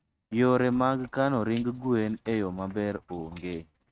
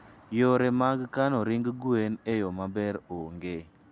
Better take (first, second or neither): second